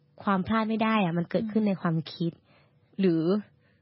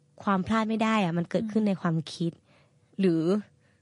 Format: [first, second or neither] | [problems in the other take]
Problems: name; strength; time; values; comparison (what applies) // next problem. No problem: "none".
second | garbled, watery; badly; nothing above 5.5 kHz; slightly in the second